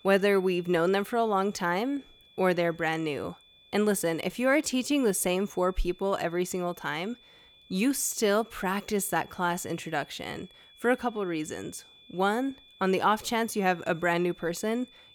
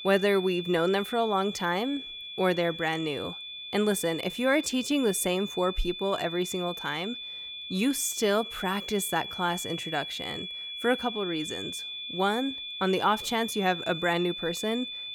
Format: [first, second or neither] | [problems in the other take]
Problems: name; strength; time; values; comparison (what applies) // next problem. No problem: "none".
first | high-pitched whine; loud; throughout; 3.5 kHz, 7 dB below the speech; faint in the first